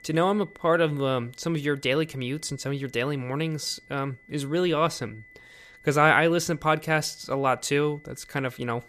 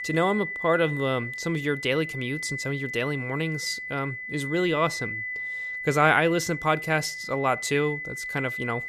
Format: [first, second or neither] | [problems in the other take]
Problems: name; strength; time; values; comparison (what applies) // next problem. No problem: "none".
first | high-pitched whine; loud; throughout; 2 kHz, 6 dB below the speech; faint in the first